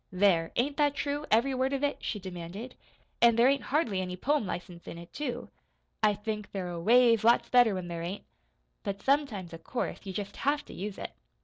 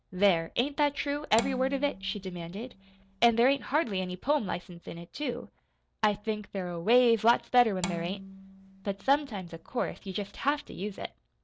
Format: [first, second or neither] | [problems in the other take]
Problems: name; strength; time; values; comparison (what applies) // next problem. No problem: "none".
first | background sound (Bowed string instrument); 14 dB below the speech